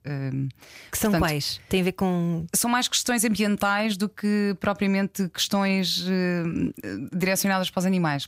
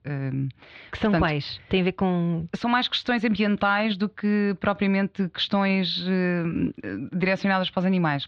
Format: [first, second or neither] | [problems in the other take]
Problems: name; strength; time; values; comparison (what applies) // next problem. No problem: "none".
first | muffled; slightly; fading above 4 kHz